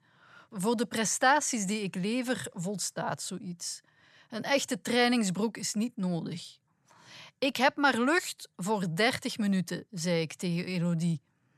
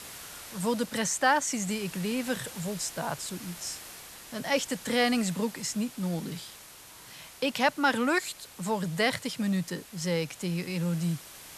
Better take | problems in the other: first | hiss; noticeable; throughout; 15 dB below the speech

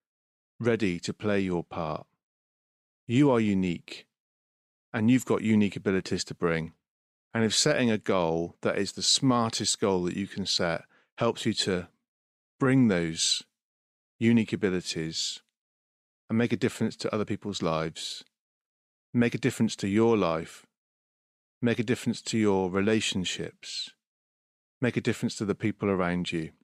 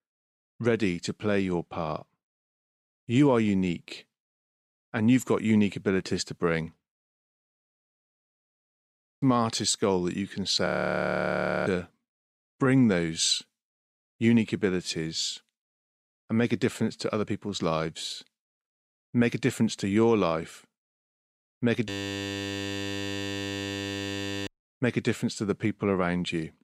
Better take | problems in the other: first | audio freezing; at 7 s for 2 s, at 11 s for 1 s and at 22 s for 2.5 s

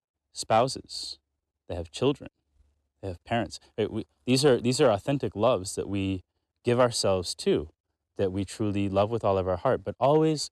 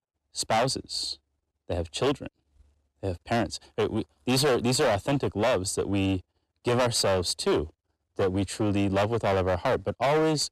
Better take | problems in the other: first | distortion; heavy; 13% of the sound clipped

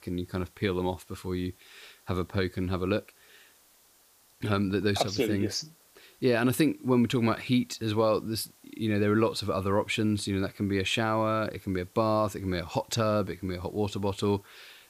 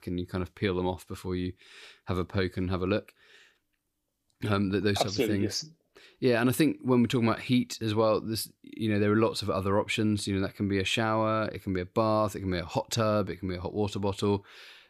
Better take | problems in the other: second | hiss; faint; throughout; 30 dB below the speech

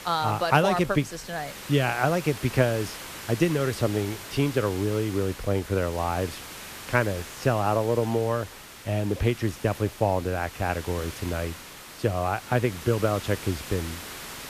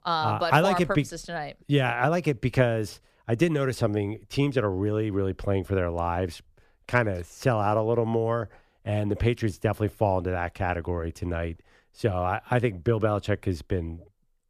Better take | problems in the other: second | hiss; noticeable; throughout; 15 dB below the speech

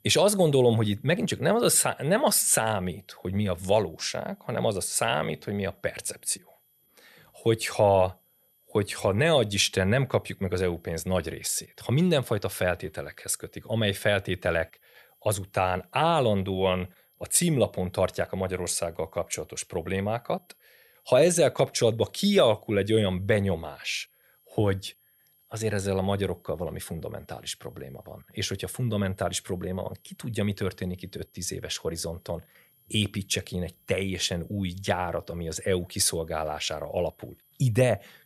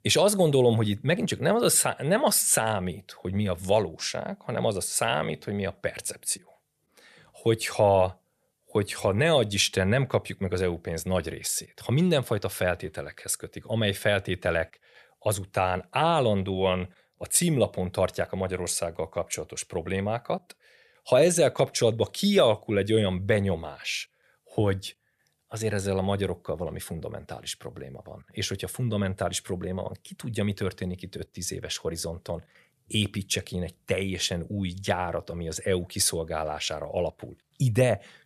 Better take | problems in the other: second | high-pitched whine; faint; throughout; 11.5 kHz, 35 dB below the speech

